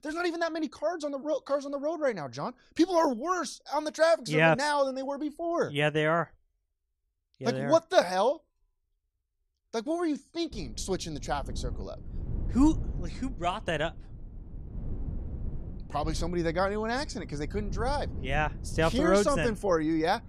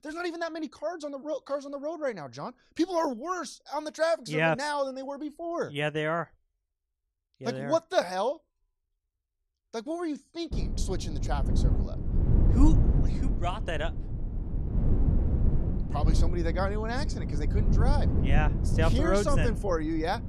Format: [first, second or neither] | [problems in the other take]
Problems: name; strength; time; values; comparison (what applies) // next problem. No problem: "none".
first | low rumble; loud; from 11 s on; 9 dB below the speech; faint in the first